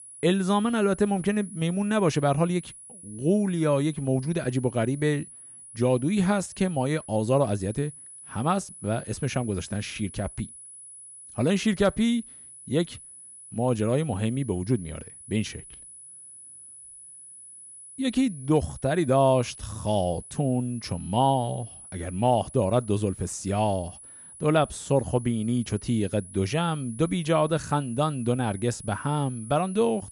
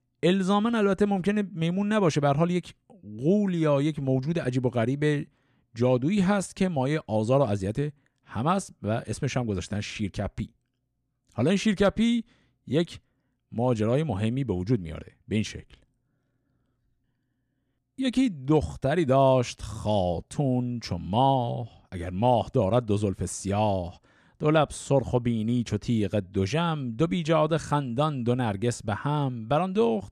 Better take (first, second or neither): second